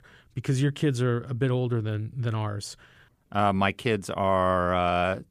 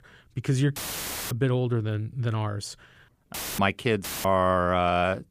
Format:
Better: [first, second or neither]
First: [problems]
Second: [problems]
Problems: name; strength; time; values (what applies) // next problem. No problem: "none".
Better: first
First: none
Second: audio cutting out; filled with static; at 1 s for 0.5 s, at 3.5 s and at 4 s